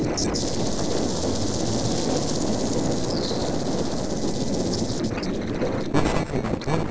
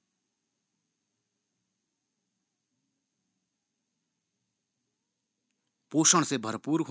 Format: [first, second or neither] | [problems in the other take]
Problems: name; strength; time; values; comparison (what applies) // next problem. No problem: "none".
second | noise reduction (neural separator model SepFormer DNS4)